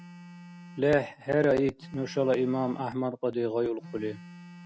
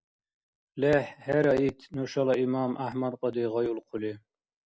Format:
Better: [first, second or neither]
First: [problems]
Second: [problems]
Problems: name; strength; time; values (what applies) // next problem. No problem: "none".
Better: second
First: background sound (Telephone); 19 dB below the speech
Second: none